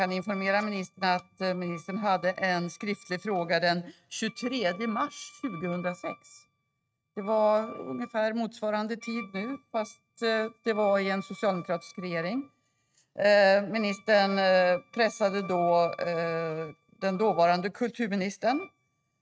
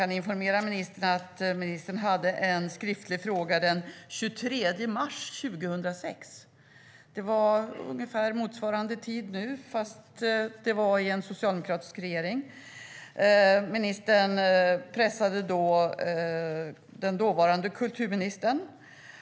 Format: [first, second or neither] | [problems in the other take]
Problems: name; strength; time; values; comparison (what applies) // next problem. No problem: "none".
second | noise reduction (neural mask model RNNoise)